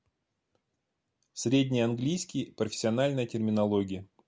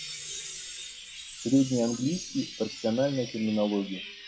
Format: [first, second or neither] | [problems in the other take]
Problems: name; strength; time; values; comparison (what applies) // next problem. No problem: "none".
first | noise reduction (classical method WPE with log-MMSE)